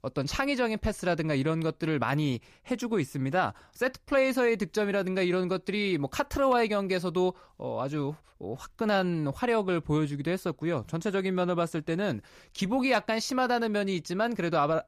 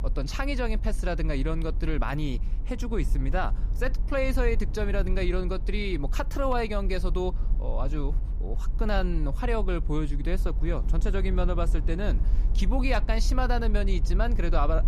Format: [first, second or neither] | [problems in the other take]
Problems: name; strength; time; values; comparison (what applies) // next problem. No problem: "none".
first | low rumble; noticeable; throughout; 15 dB below the speech